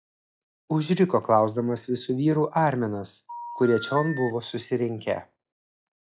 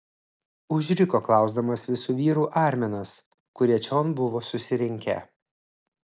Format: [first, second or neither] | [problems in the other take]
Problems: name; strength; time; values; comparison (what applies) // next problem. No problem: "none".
second | noise reduction (classical method log-MMSE)